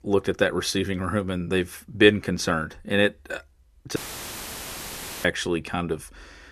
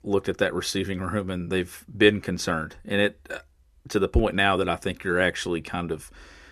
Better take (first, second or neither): second